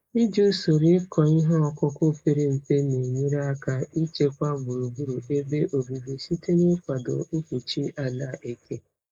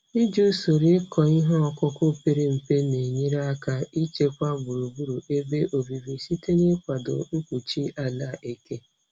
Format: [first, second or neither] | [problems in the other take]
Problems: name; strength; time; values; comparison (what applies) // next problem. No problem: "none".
second | noise reduction (neural mask model Resemble Enhance denoiser)